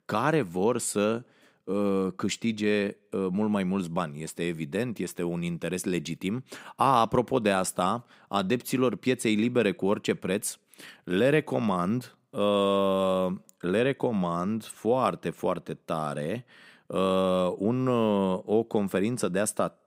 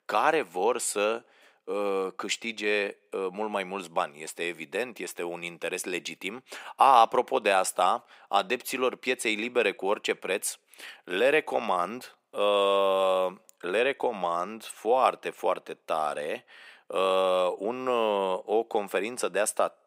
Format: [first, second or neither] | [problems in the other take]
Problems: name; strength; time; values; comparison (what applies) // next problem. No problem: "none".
first | thin; very; fading below 550 Hz